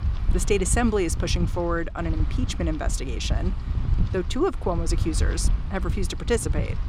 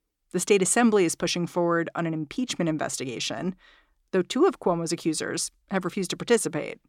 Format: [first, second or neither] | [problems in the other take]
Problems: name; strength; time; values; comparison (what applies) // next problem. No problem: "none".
second | wind noise on the microphone; occasional gusts; 15 dB below the speech